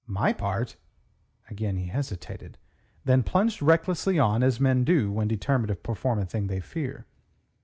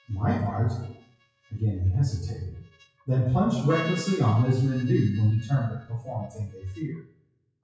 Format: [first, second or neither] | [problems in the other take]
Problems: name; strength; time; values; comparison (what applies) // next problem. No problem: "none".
first | noise reduction (classical method WPE with log-MMSE)